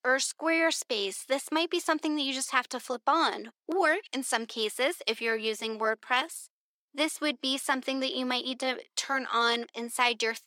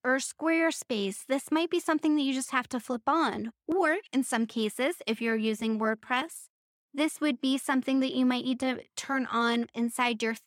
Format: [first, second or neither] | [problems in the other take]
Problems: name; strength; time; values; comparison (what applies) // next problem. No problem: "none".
second | thin; somewhat; fading below 350 Hz